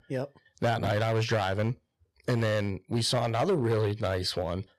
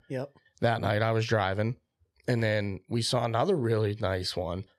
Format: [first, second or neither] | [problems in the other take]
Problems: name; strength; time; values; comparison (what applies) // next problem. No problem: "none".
second | distortion; slight; 7% of the sound clipped